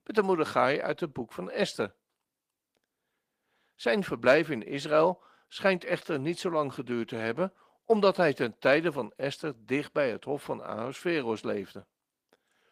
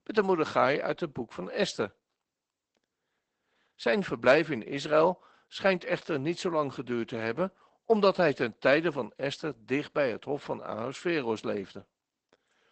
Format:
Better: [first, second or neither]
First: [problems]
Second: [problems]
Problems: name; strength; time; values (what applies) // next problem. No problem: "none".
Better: first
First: garbled, watery; slightly; nothing above 15 kHz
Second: garbled, watery; badly; nothing above 8 kHz